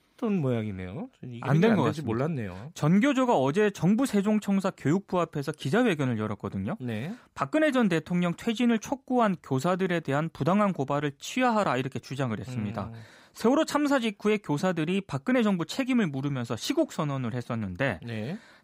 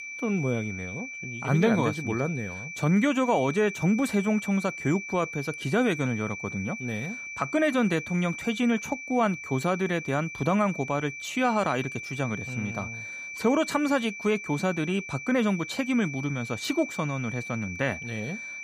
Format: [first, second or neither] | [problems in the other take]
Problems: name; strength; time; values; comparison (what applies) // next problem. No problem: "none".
first | high-pitched whine; loud; throughout; 2.5 kHz, 9 dB below the speech